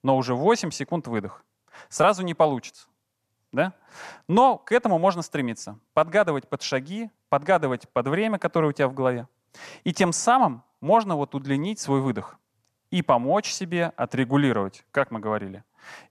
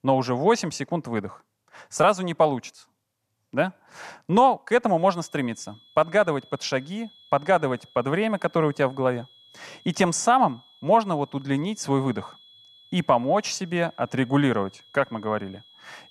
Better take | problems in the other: first | high-pitched whine; faint; from 5 s on; 3.5 kHz, 25 dB below the speech

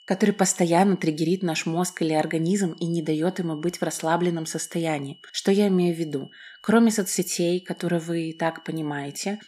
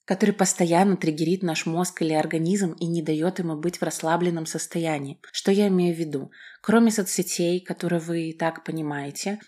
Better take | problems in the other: second | high-pitched whine; faint; throughout; 3 kHz, 25 dB below the speech

